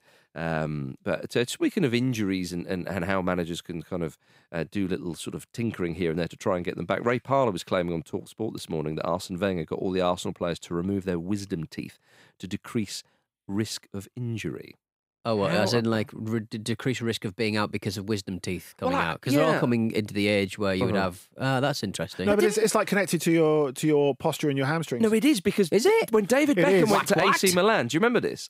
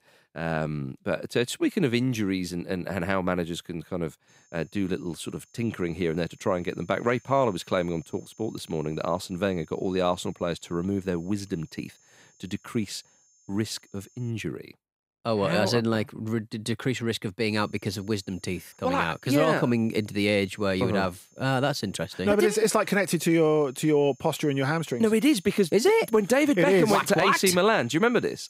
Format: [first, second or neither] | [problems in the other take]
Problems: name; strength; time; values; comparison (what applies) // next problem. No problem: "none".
first | high-pitched whine; faint; from 4.5 to 14 s and from 17 s on; 6.5 kHz, 30 dB below the speech